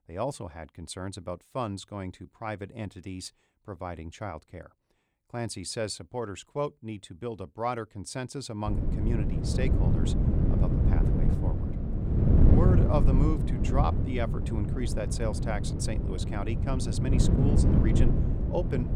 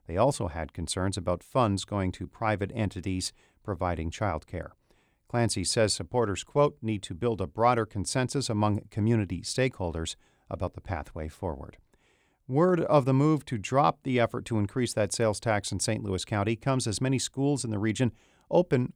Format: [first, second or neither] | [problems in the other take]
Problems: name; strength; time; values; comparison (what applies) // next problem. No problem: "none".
second | wind noise on the microphone; heavy; from 8.5 s on; 1 dB below the speech